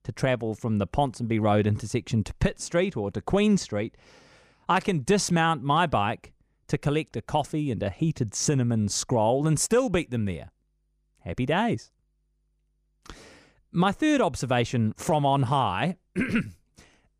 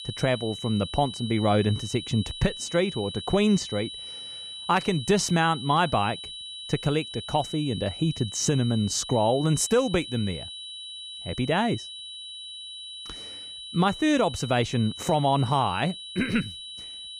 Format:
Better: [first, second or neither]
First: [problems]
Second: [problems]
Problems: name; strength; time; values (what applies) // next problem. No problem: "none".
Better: first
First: none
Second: high-pitched whine; noticeable; throughout; 4 kHz, 10 dB below the speech